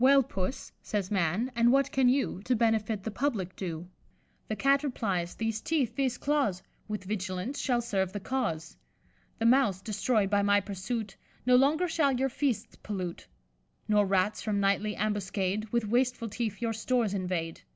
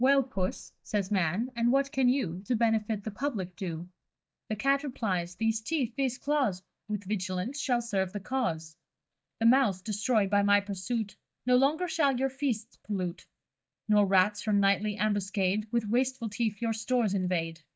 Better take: first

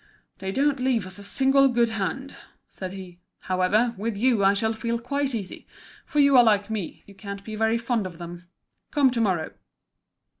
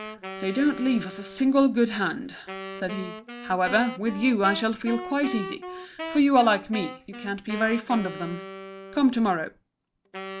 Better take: first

